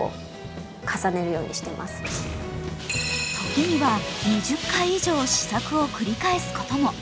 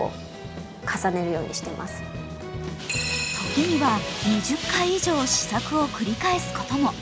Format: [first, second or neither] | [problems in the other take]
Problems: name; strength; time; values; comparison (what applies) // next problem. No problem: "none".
second | background sound (Boom); 15 dB below the speech